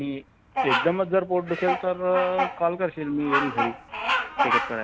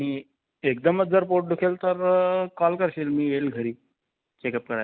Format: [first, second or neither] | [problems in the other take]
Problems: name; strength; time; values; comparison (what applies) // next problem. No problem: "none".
second | background sound (Bird vocalization, bird call, bird song); 1 dB below the speech